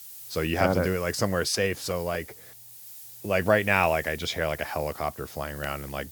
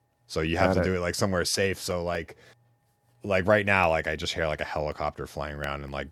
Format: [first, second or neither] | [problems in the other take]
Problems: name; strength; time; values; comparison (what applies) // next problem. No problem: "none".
second | hiss; noticeable; throughout; 15 dB below the speech